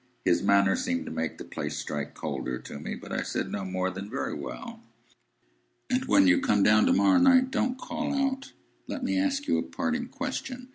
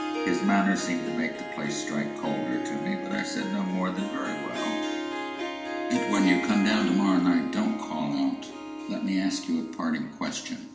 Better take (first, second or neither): first